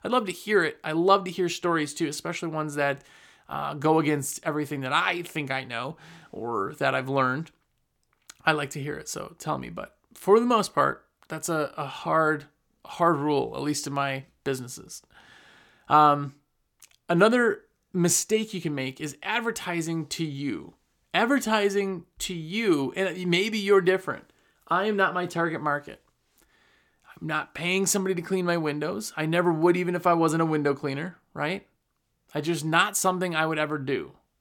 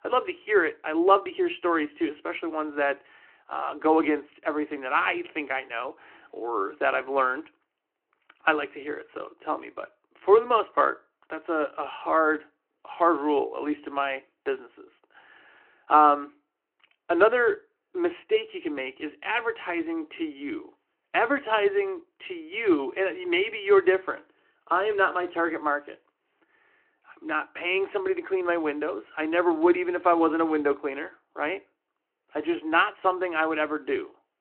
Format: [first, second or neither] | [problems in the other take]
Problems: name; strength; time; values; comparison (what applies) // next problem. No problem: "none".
first | phone-call audio